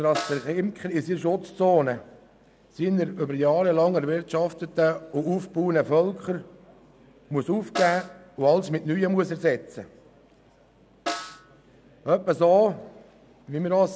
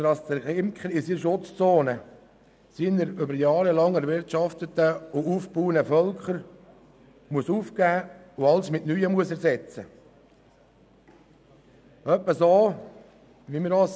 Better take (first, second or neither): second